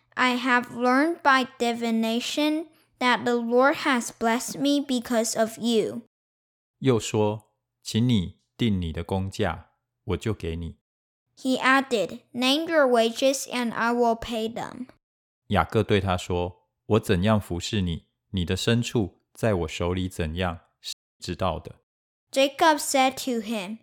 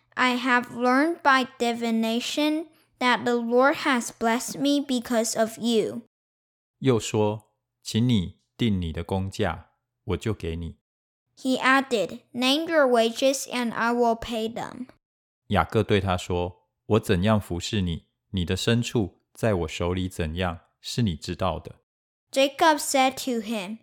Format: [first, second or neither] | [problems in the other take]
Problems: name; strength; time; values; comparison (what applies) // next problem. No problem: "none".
second | audio cutting out; at 21 s